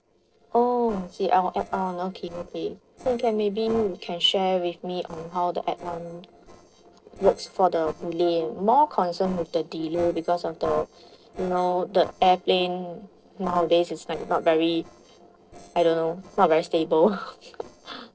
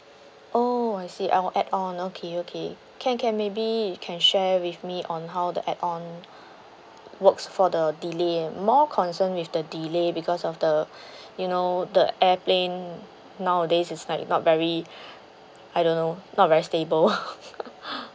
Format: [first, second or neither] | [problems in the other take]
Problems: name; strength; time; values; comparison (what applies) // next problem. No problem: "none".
second | noise reduction (neural separator model SepFormer DNS4)